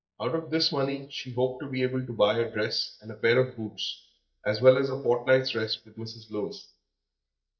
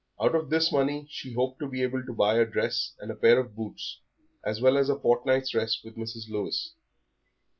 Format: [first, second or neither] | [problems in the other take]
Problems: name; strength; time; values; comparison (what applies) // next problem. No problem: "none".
second | noise reduction (neural mask model DeepFilterNet 3)